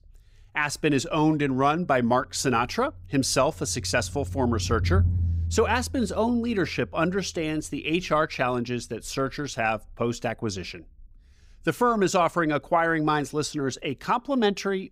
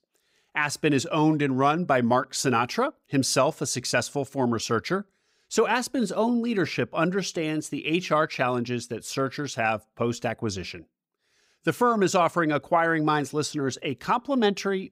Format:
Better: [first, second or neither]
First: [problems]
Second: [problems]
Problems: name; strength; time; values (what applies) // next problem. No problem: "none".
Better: second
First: low rumble; faint; throughout; 20 dB below the speech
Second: none